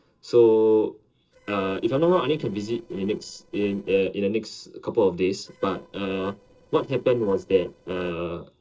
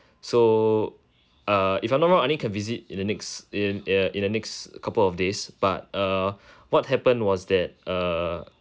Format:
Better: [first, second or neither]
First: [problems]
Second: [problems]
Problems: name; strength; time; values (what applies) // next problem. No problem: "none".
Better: second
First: noise reduction (neural separator model SepFormer DNS4)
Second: none